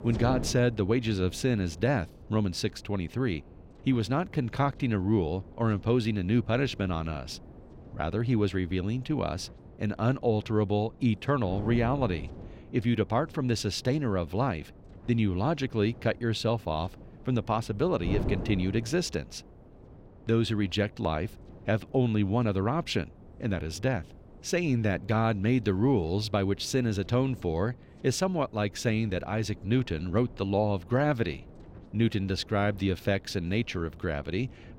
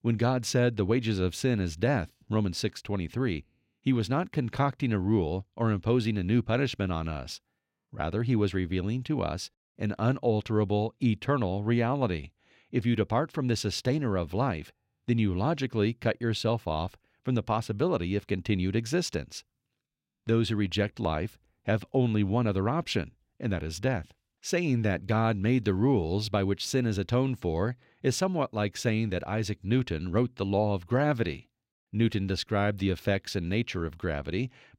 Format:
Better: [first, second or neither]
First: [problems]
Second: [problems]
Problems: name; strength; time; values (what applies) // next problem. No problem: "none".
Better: second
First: wind noise on the microphone; occasional gusts; 20 dB below the speech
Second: none